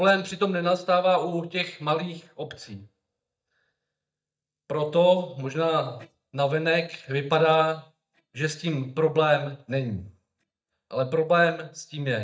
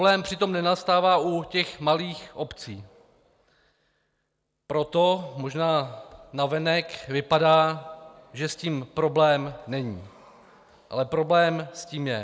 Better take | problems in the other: second | noise reduction (neural mask model DeepFilterNet 3)

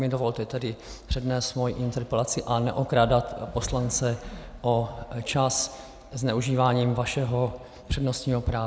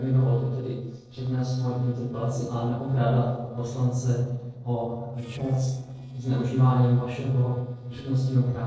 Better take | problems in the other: first | noise reduction (neural separator model SepFormer DNS4)

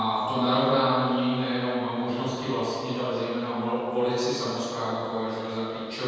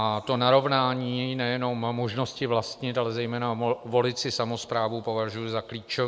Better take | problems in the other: second | room echo; dies away in 2 s

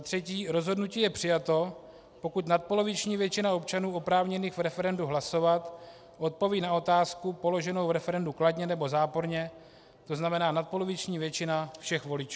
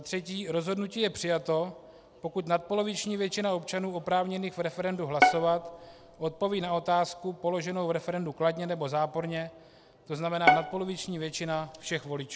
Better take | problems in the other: first | background sound (Bowed string instrument); 1 dB above the speech

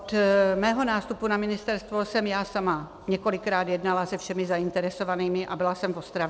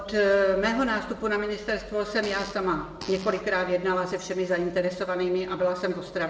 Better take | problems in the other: first | background sound (Fart); 19 dB below the speech // room echo; dies away in 0.8 s

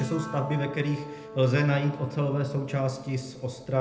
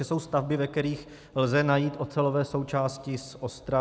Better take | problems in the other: second | background sound (Piano); 14 dB below the speech // room echo; dies away in 0.8 s

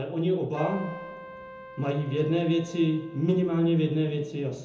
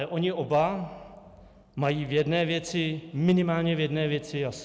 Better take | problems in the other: second | background sound (Keyboard (musical)); 17 dB below the speech // room echo; dies away in 0.5 s

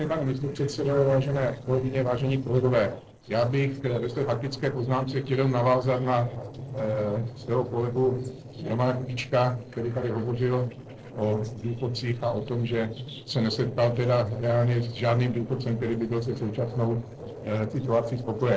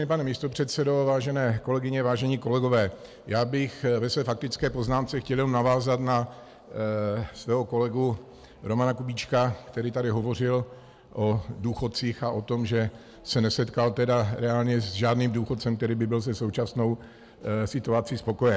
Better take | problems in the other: second | noise reduction (neural separator model SepFormer DNS4)

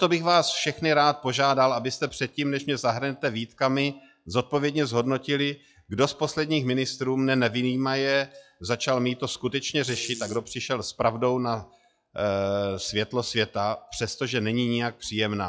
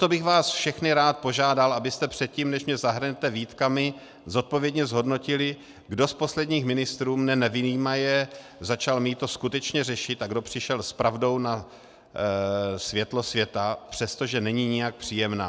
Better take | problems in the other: second | noise reduction (classical method log-MMSE)

